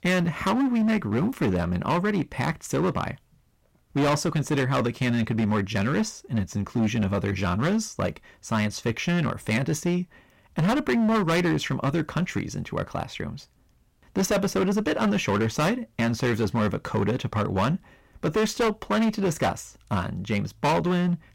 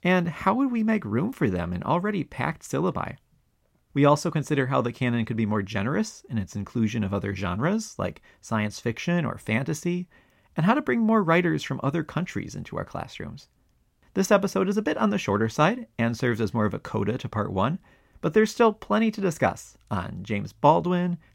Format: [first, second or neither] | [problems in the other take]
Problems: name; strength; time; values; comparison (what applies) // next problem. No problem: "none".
second | distortion; heavy; 14% of the sound clipped